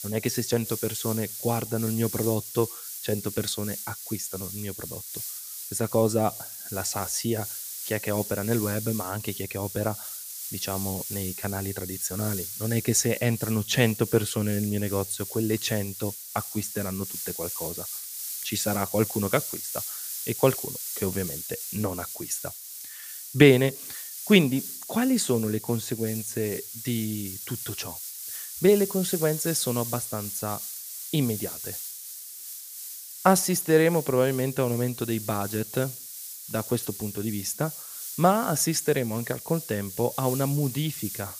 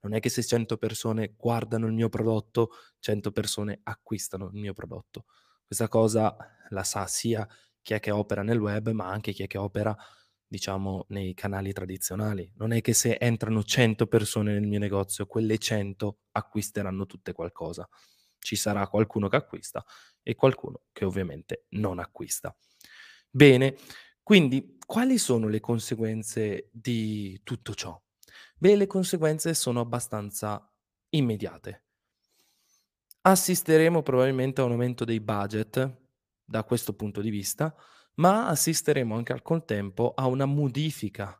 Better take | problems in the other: second | hiss; loud; throughout; 7 dB below the speech

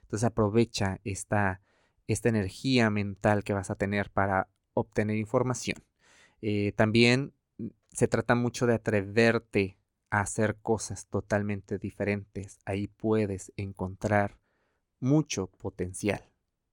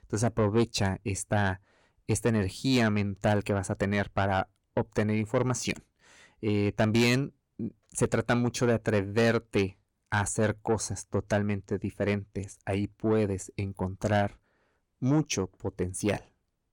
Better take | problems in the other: first | distortion; slight; 10 dB below the speech

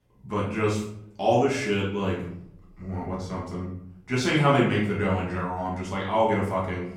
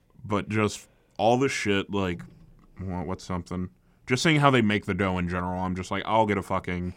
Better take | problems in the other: second | room echo; noticeable; dies away in 0.6 s // off-mic speech; far

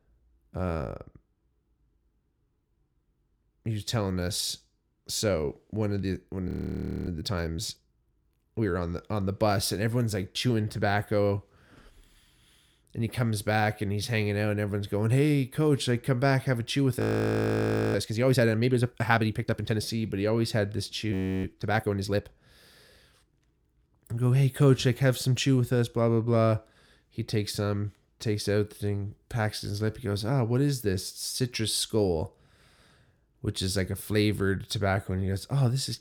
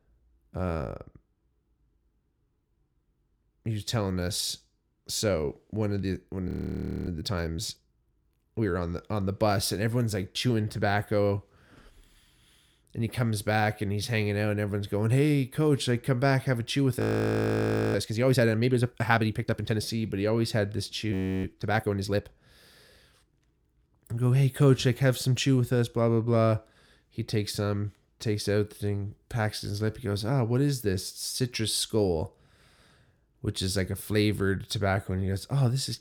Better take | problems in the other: neither | audio freezing; at 6.5 s for 0.5 s, at 17 s for 1 s and at 21 s; the same in both

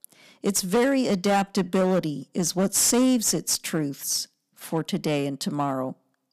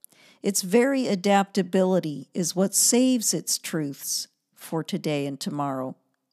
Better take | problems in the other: second | distortion; slight; 8% of the sound clipped

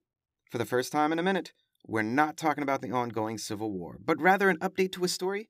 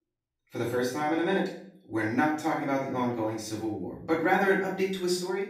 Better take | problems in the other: first | off-mic speech; far // room echo; noticeable; dies away in 0.5 s

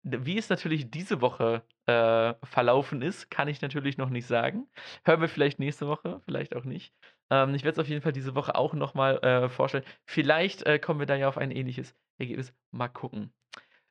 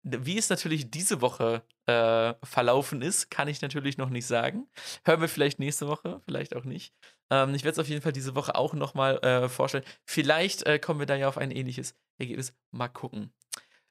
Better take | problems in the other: second | muffled; slightly; fading above 3.5 kHz

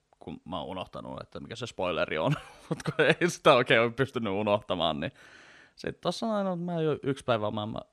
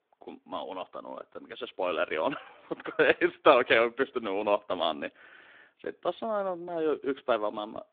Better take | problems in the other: first | phone-call audio; nothing above 3.5 kHz

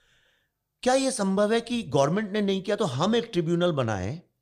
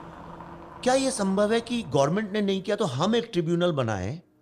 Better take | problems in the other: first | traffic noise; noticeable; throughout; 20 dB below the speech

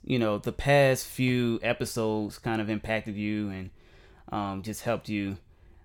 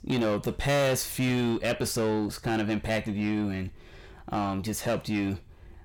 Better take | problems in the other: first | distortion; heavy; 7 dB below the speech

